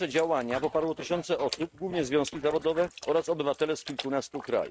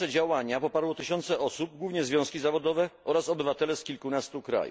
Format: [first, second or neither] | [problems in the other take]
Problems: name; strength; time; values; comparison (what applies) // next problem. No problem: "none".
second | noise reduction (neural mask model RNNoise)